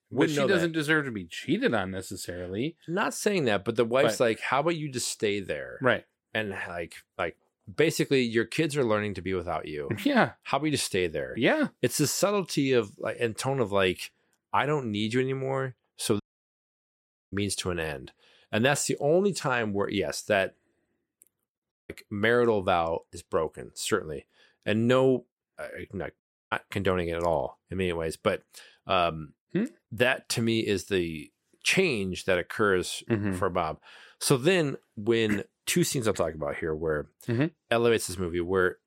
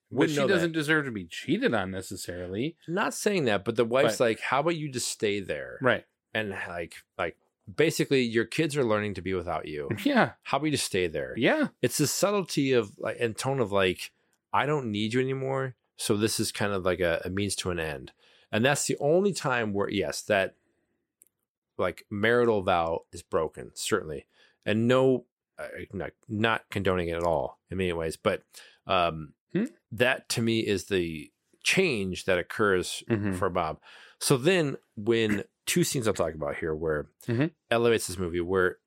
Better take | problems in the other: second | audio cutting out; at 16 s for 1 s, at 22 s and at 26 s

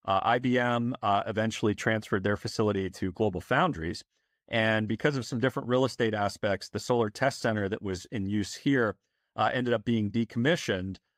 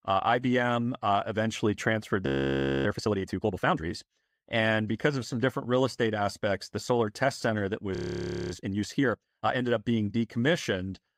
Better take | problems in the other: first | audio freezing; at 2.5 s for 0.5 s and at 8 s for 0.5 s

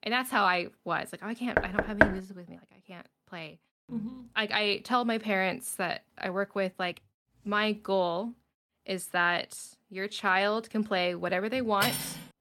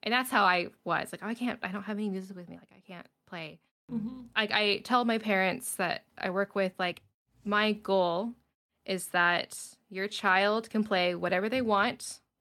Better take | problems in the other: second | door banging; loud; at 1.5 s; peak 5 dB above the speech // clattering dishes; noticeable; at 12 s; peak 1 dB below the speech

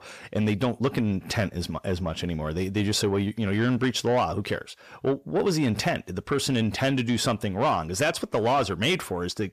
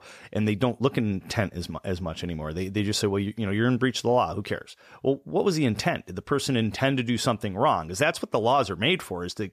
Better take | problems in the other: second | distortion; slight; 10 dB below the speech

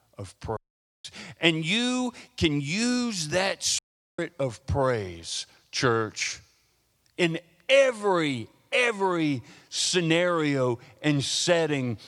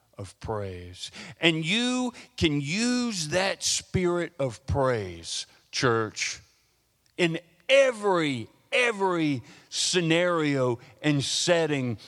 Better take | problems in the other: second | audio cutting out; at 0.5 s and at 4 s

